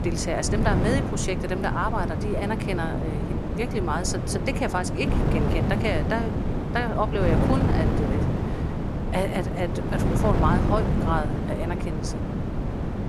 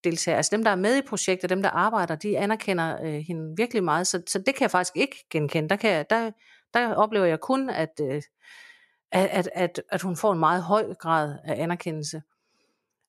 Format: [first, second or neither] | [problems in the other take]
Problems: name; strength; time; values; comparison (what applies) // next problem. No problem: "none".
second | wind noise on the microphone; heavy; 4 dB below the speech